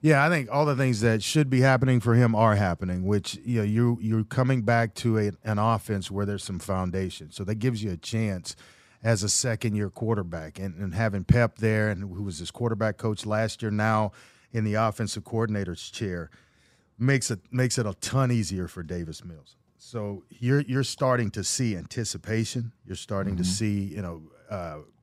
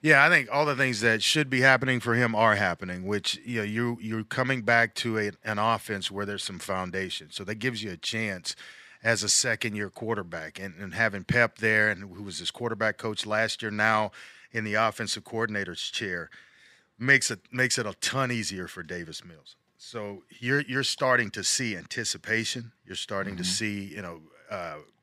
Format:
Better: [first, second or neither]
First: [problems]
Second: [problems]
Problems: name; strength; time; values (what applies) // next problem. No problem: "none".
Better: first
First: none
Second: thin; somewhat; fading below 350 Hz